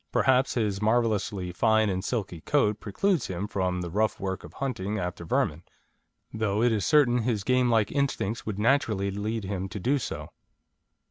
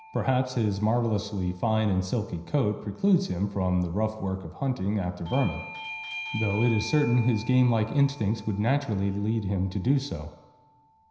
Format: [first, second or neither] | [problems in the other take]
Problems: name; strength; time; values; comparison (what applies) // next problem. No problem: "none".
first | background sound (Bell / Doorbell); 17 dB below the speech // room echo; dies away in 0.9 s